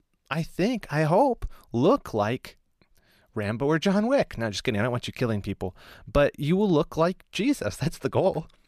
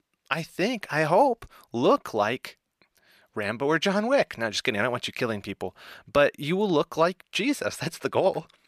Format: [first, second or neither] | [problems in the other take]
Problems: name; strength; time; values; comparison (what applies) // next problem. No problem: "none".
first | thin; very slightly; fading below 350 Hz